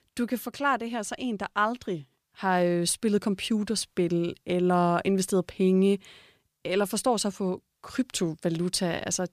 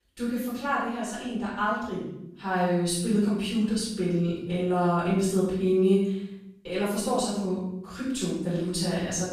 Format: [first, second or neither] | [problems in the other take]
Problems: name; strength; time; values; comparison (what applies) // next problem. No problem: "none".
first | room echo; strong; dies away in 0.8 s // off-mic speech; far